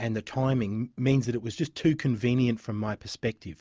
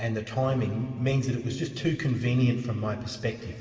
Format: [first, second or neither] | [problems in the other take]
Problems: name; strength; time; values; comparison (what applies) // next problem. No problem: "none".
first | room echo; dies away in 2.3 s